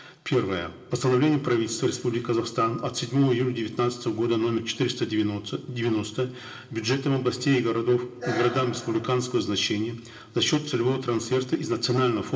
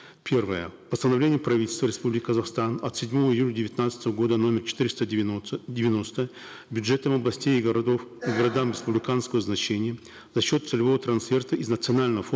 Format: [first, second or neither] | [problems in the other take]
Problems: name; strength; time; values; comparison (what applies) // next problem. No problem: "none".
second | room echo; dies away in 1.3 s